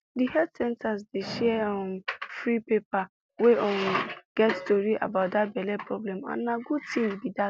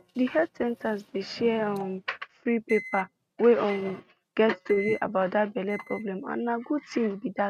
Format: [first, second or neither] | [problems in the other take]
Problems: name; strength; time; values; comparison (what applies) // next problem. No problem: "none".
first | noise reduction (neural mask model RNNoise)